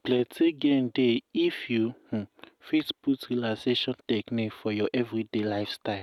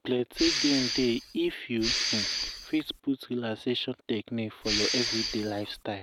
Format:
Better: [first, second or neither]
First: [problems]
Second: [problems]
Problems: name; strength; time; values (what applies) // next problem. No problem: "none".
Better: first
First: none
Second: background sound (Respiratory sounds); 1 dB below the speech